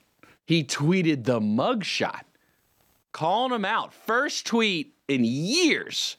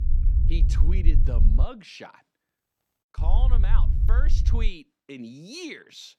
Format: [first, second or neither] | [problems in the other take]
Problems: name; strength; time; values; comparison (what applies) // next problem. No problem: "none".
first | low rumble; loud; until 1.5 s and from 3 to 4.5 s; 5 dB below the speech